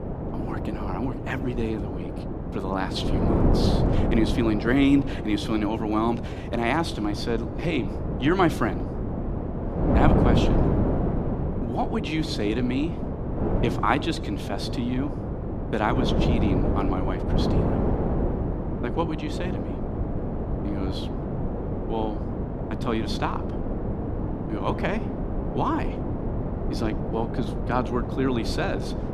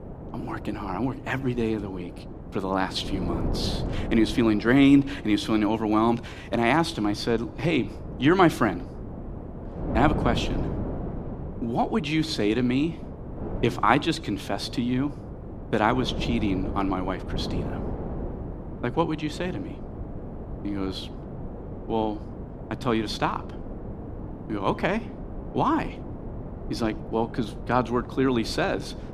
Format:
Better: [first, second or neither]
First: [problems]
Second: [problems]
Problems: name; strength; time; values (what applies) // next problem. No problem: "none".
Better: second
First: wind noise on the microphone; heavy; 4 dB below the speech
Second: wind noise on the microphone; occasional gusts; 15 dB below the speech